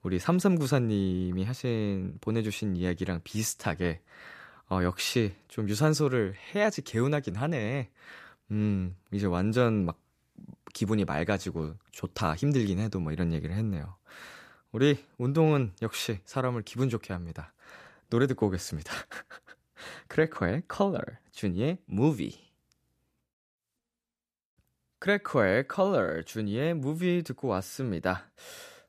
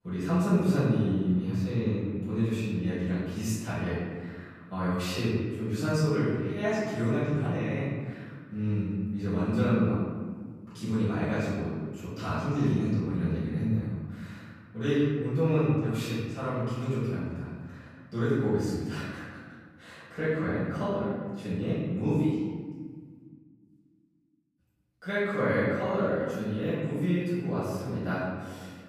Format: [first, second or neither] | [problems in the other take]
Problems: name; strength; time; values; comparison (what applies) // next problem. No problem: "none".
first | room echo; strong; dies away in 1.6 s // off-mic speech; far